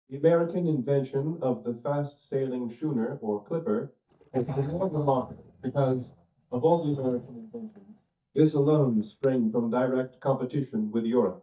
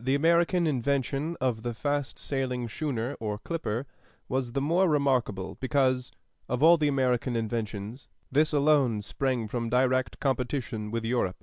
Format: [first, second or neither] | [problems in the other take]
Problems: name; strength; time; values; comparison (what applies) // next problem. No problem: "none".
second | noise reduction (neural mask model DeepFilterNet 3)